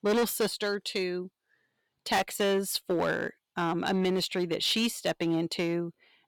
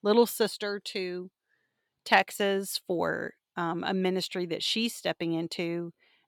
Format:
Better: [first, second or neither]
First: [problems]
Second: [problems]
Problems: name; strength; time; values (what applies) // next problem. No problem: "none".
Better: second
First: distortion; heavy; 8% of the sound clipped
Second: none